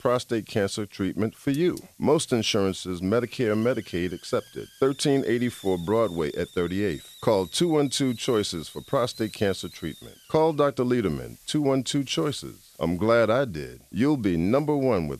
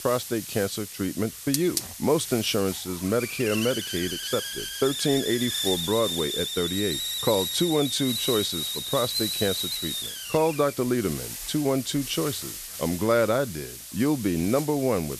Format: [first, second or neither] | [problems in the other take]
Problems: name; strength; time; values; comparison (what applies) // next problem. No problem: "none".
first | hiss; loud; throughout; 4 dB below the speech; faint in the first